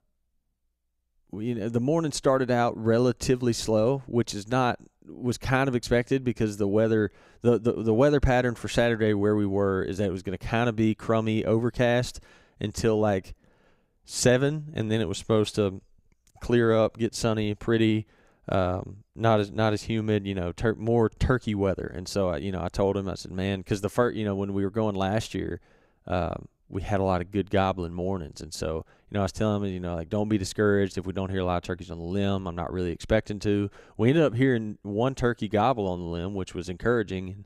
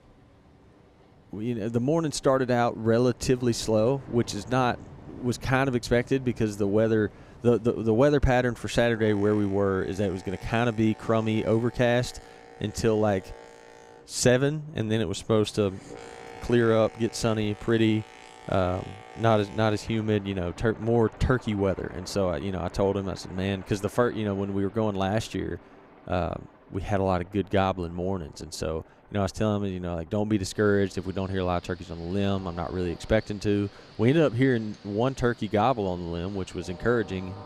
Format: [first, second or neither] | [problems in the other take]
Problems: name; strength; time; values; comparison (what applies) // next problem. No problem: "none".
first | train or aircraft noise; faint; throughout; 20 dB below the speech